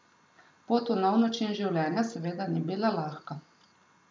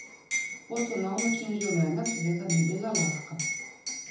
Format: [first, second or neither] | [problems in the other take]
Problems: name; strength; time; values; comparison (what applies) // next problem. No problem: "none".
first | background sound (Liquid); 5 dB below the speech // room echo; dies away in 0.5 s